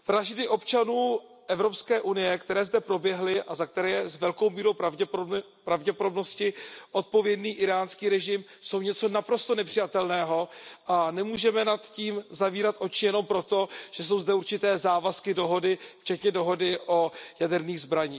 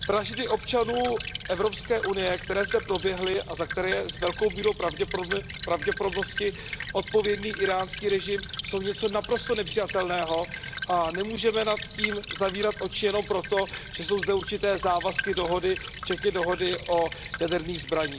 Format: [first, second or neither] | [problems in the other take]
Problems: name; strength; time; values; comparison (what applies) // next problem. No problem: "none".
first | background sound (Stream / Trickle, dribble); 9 dB below the speech